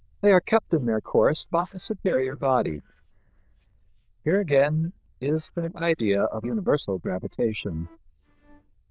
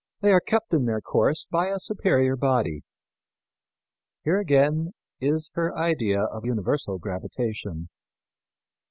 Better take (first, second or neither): second